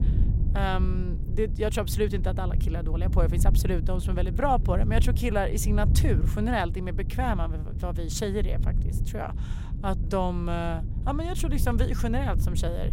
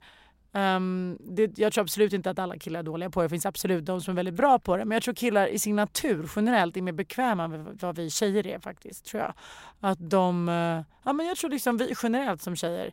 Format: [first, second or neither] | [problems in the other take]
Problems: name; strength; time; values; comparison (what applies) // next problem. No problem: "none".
second | wind noise on the microphone; occasional gusts; 10 dB below the speech